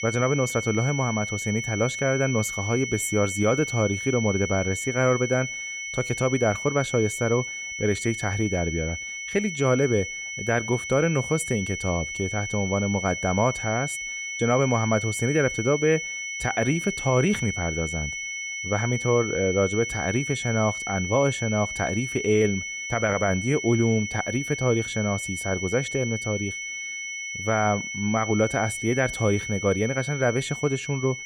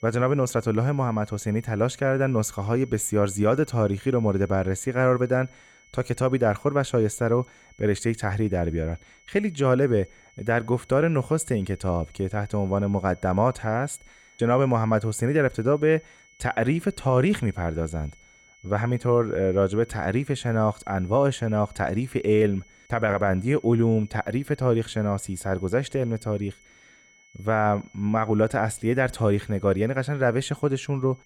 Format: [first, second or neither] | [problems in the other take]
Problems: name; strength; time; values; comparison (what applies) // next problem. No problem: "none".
second | high-pitched whine; loud; throughout; 2 kHz, 5 dB below the speech; faint in the second